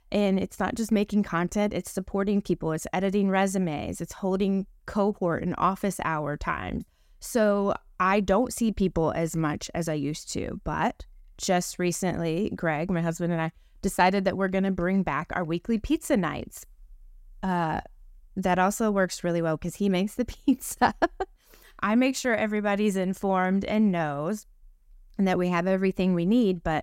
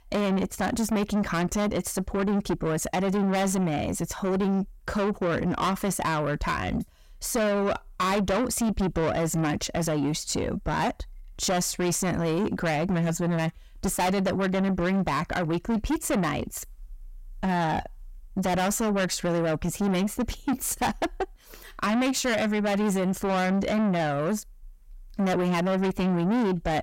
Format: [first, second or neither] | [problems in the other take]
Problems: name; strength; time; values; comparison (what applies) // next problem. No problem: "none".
first | distortion; heavy; 6 dB below the speech